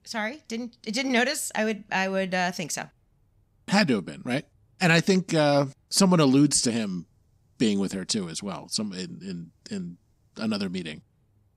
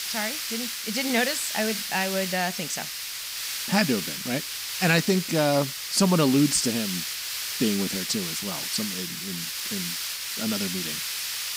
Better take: first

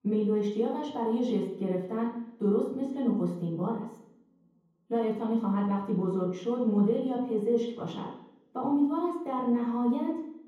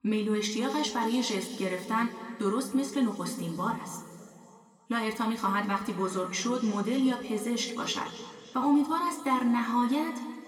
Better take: second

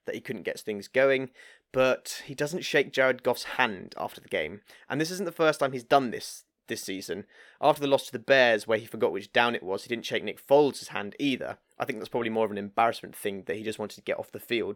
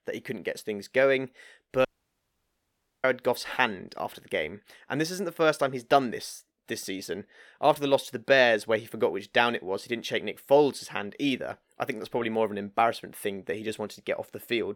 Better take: first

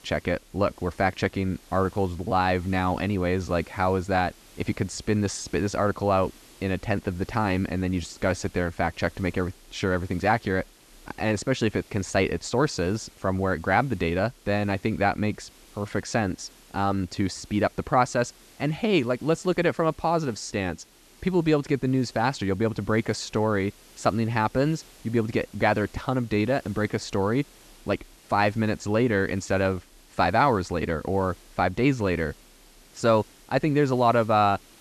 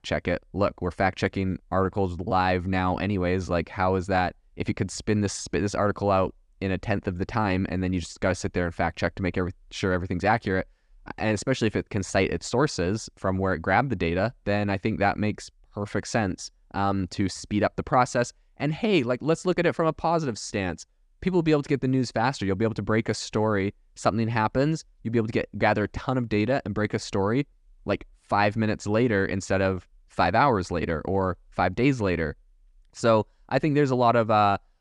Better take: second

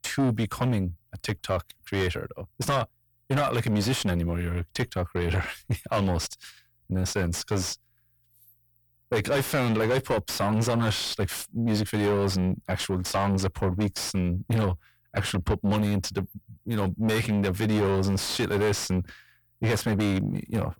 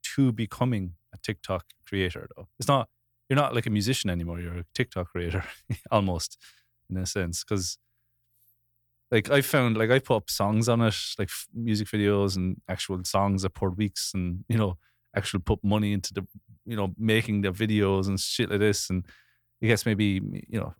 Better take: second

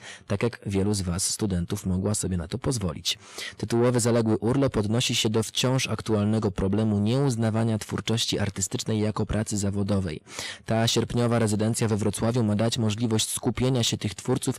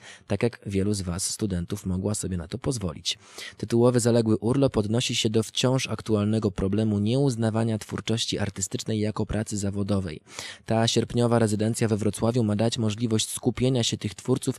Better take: second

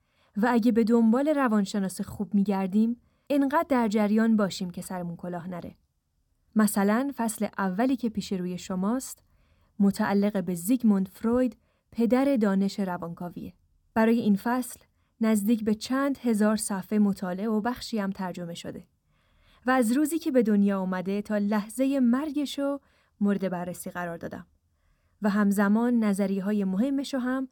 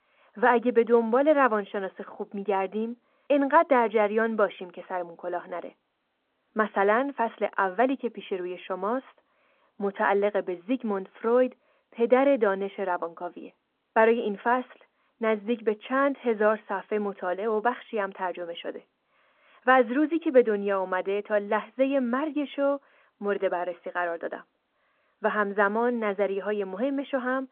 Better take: first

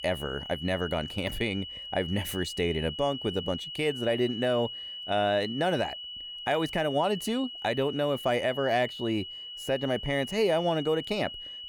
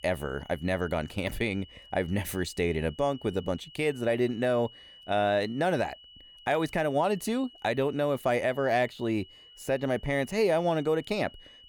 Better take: second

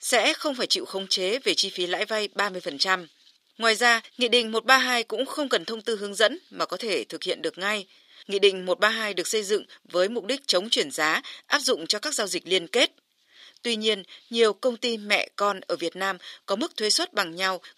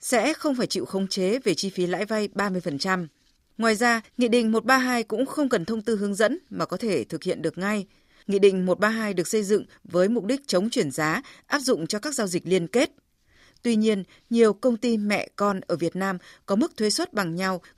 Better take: second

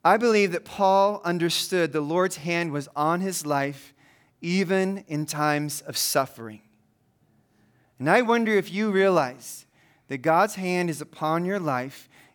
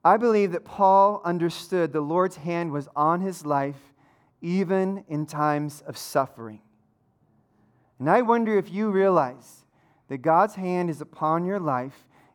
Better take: first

